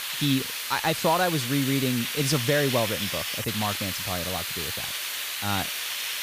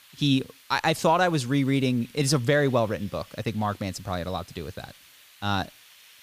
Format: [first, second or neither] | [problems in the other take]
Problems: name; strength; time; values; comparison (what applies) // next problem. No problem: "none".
second | hiss; loud; throughout; 1 dB below the speech; faint in the second